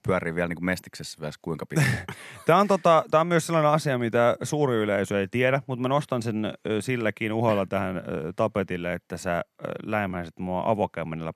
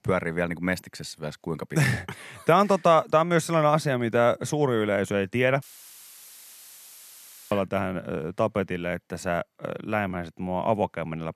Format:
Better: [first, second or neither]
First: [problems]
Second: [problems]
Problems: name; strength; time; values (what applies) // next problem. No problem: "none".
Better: first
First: none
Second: audio cutting out; filled with static; at 5.5 s for 2 s